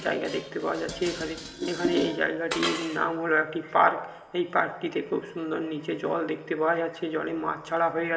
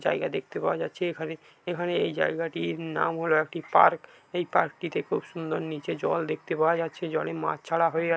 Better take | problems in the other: second | background sound (Dishes, pots, and pans); 11 dB below the speech // room echo; dies away in 1.1 s

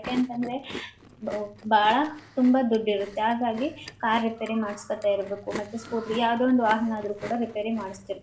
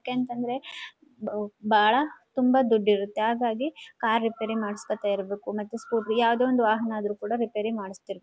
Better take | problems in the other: second | background sound (Chewing, mastication); 17 dB below the speech // room echo; dies away in 0.4 s

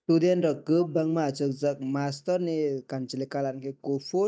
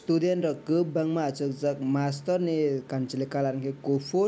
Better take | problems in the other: second | noise reduction (neural mask model DeepFilterNet 3)

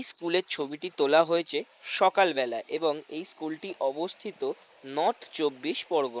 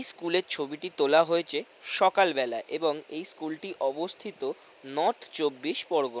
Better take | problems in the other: second | noise reduction (neural mask model Resemble Enhance denoiser)

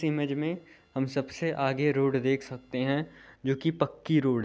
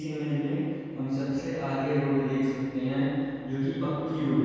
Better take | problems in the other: first | room echo; dies away in 2.1 s

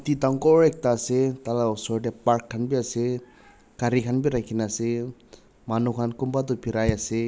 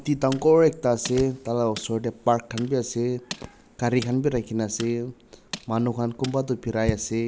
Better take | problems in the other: first | background sound (Fireworks + Tools); 18 dB below the speech

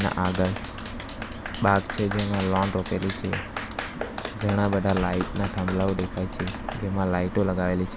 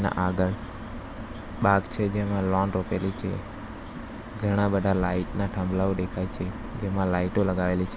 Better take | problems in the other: second | background sound (Clapping); 11 dB below the speech

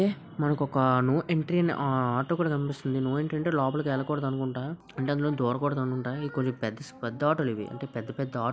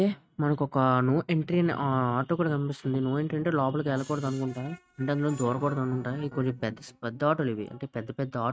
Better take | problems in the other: first | noise reduction (neural mask model RNNoise)

